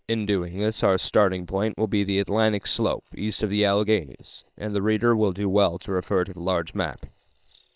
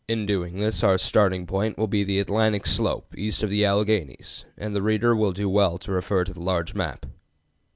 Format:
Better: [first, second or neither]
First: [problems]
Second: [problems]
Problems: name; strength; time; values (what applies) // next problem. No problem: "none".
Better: second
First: noise reduction (neural separator model SepFormer WHAM!)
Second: none